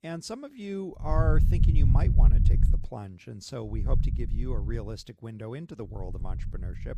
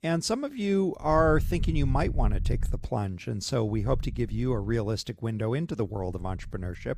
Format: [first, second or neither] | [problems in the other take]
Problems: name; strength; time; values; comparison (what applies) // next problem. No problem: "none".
second | low rumble; loud; from 1 to 2.5 s, from 4 to 5 s and from 6 s on; 4 dB below the speech; faint in the second